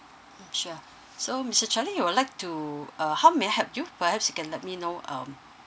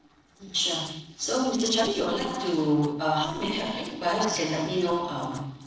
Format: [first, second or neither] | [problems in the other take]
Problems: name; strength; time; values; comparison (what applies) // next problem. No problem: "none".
first | noise reduction (neural separator model SepFormer DNS4)